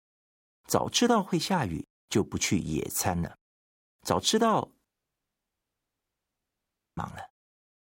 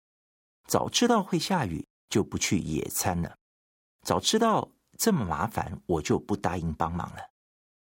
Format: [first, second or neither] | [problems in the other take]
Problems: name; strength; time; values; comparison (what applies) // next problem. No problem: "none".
second | audio cutting out; at 5 s for 2 s